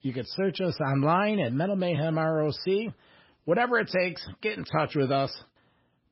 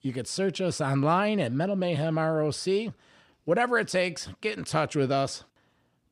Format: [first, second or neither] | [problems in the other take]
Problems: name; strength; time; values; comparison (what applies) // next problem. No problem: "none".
second | garbled, watery; badly; nothing above 5.5 kHz